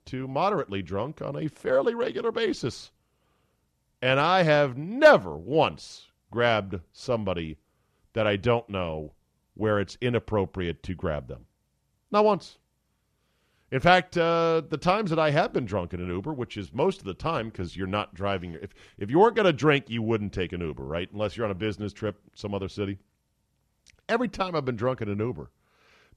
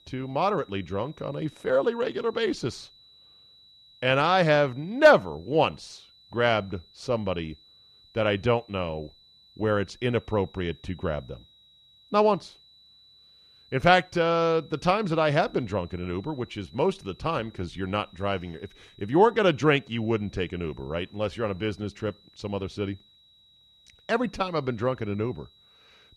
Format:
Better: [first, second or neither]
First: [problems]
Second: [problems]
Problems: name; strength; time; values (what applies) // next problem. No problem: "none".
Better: first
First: none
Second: high-pitched whine; faint; throughout; 4 kHz, 30 dB below the speech